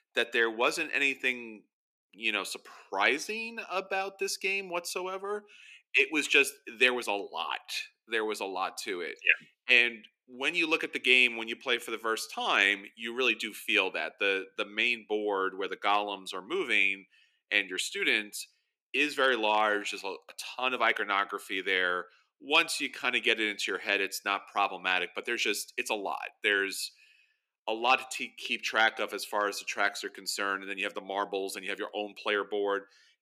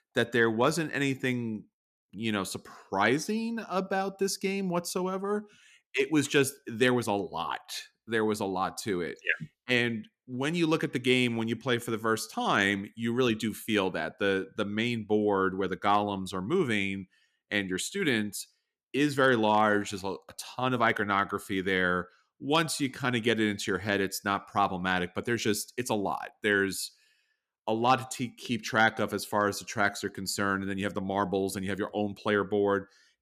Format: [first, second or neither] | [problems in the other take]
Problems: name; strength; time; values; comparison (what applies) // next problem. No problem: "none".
second | thin; somewhat; fading below 350 Hz